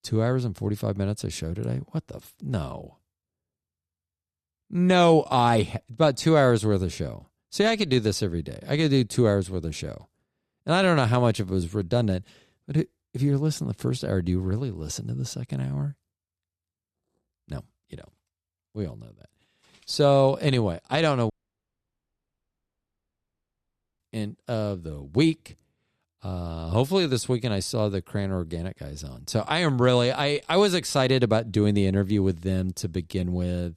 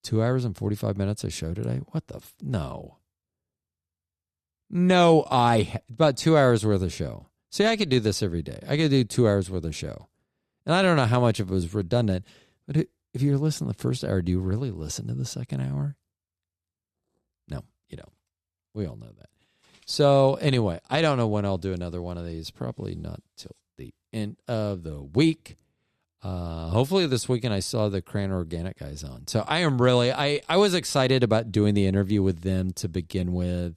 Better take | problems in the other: second | audio cutting out; at 21 s for 2.5 s

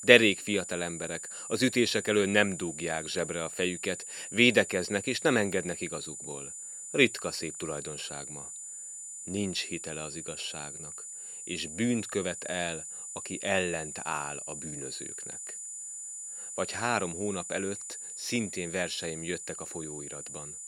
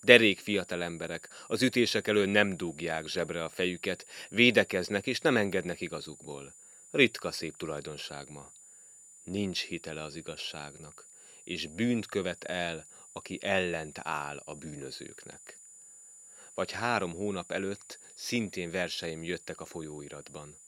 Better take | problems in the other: second | high-pitched whine; loud; throughout; 7 kHz, 9 dB below the speech; faint in the second

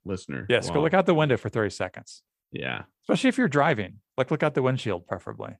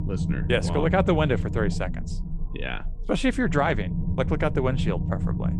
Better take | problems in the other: first | low rumble; noticeable; throughout; 10 dB below the speech

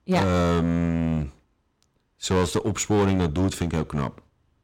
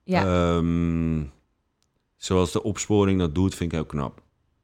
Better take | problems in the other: second | distortion; heavy; 10% of the sound clipped

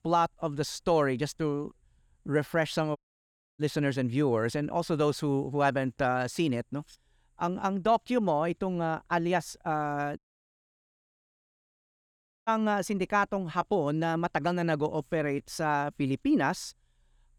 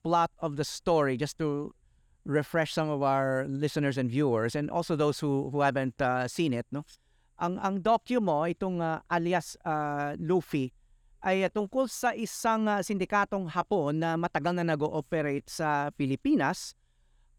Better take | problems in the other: second | audio cutting out; at 3 s for 0.5 s and at 10 s for 2.5 s

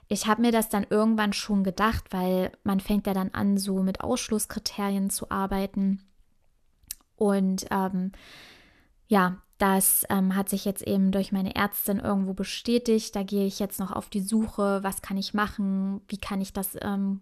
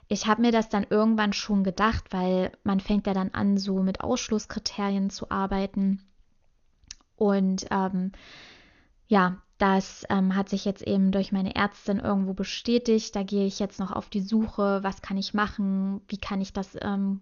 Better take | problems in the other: first | garbled, watery; slightly; nothing above 6.5 kHz

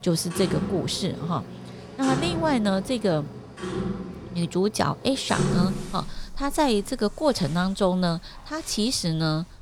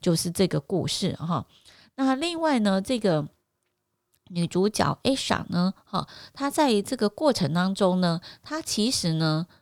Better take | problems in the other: second | household noises; loud; throughout; 7 dB below the speech

